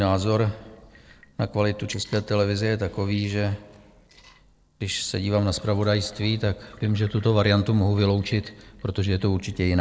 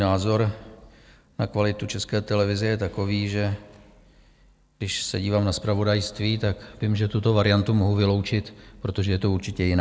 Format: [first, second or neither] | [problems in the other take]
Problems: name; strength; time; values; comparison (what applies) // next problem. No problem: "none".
second | noise reduction (neural separator model SepFormer DNS4)